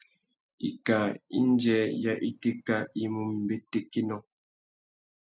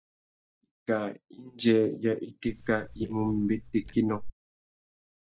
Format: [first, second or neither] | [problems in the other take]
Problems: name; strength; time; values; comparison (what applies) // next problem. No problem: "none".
first | noise reduction (neural mask model DeepFilterNet 3)